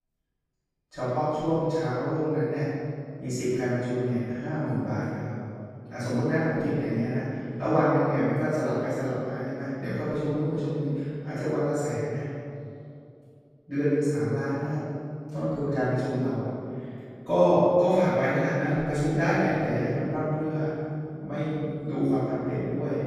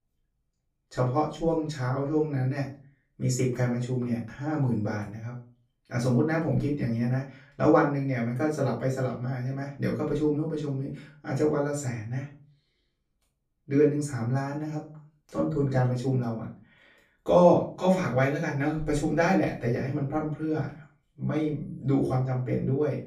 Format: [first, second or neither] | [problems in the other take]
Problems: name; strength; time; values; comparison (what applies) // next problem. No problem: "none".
second | room echo; strong; dies away in 2.5 s; slight in the second // off-mic speech; far; far in the second